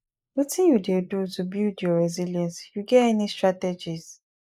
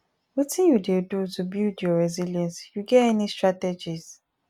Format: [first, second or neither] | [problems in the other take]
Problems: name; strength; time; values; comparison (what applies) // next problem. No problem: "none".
second | noise reduction (neural mask model Resemble Enhance denoiser)